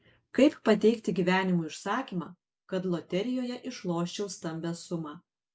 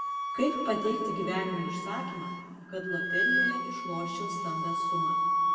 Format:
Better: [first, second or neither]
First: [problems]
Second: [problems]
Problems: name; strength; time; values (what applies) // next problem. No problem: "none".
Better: first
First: none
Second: background sound (Wind instrument, woodwind instrument); 3 dB above the speech // room echo; dies away in 2.2 s